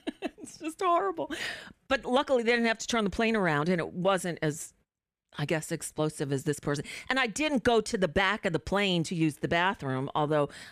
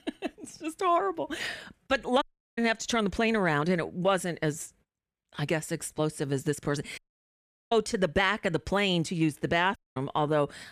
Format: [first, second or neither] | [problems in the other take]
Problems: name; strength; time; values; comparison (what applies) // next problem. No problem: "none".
first | audio cutting out; at 2 s, at 7 s for 0.5 s and at 10 s